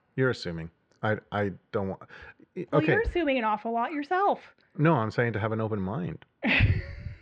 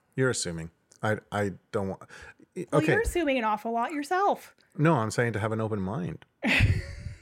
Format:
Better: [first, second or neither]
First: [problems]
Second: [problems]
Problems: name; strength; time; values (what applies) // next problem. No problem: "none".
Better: second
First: muffled; slightly; fading above 4 kHz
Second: none